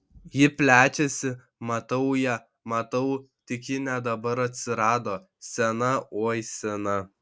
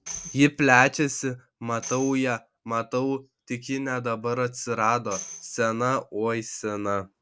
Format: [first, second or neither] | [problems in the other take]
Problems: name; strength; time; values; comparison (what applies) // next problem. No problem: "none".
first | background sound (Tambourine); 17 dB below the speech